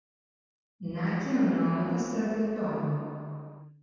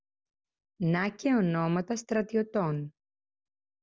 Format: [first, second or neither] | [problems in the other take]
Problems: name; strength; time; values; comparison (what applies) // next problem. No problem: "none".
second | room echo; dies away in 2.1 s